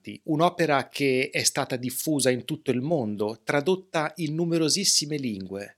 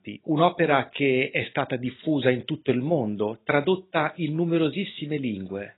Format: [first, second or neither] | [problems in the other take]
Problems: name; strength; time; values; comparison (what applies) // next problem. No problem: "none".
first | garbled, watery; badly; nothing above 4 kHz